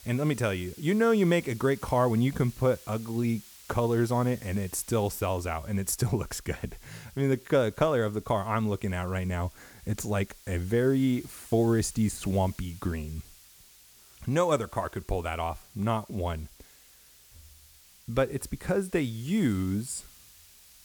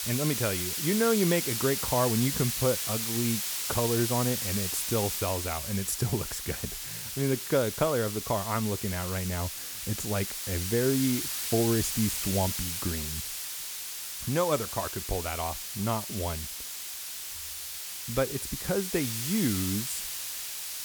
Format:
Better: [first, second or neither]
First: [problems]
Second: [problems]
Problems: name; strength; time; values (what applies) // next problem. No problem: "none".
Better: first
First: hiss; faint; throughout; 20 dB below the speech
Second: hiss; loud; throughout; 2 dB below the speech